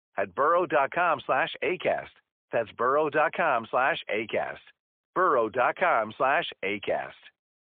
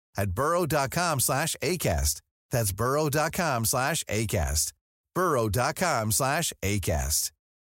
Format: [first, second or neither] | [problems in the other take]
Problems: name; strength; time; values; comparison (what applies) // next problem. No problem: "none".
second | phone-call audio; poor line; nothing above 3.5 kHz